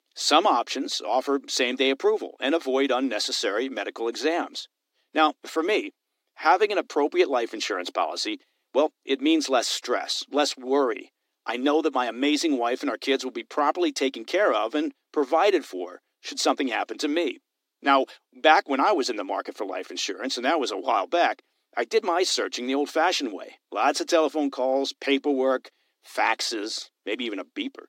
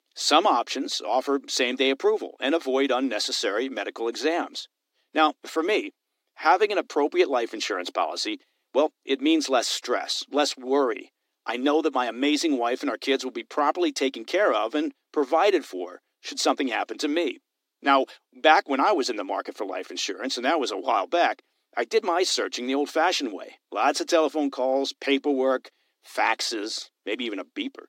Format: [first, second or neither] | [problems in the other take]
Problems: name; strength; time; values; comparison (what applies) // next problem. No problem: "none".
neither | thin; very slightly; fading below 250 Hz; the same in both